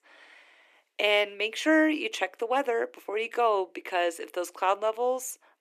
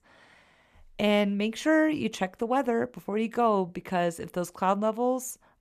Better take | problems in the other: second | thin; very; fading below 300 Hz

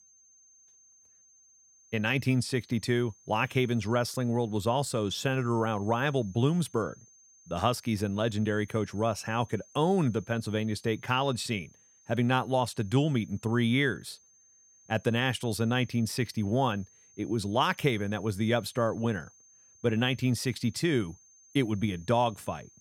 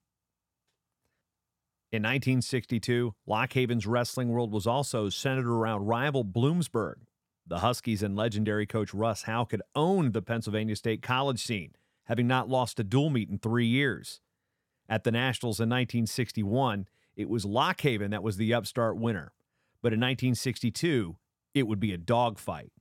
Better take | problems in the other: second | high-pitched whine; faint; throughout; 6.5 kHz, 25 dB below the speech

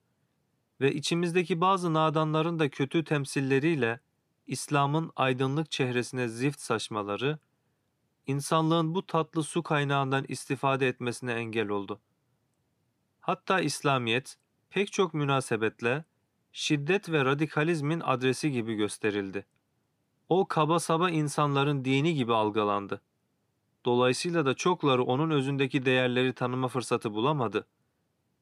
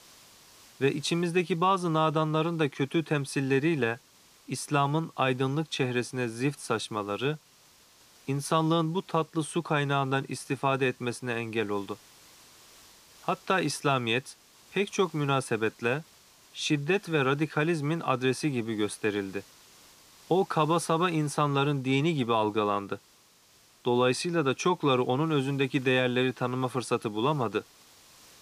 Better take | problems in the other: first | hiss; faint; throughout; 25 dB below the speech

